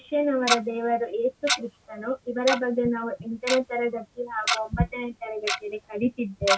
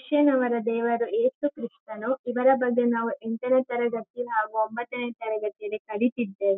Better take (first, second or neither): second